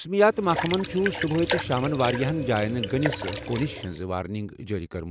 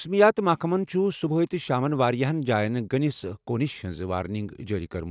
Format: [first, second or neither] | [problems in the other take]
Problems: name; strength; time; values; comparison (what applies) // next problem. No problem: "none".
second | background sound (Liquid); 6 dB below the speech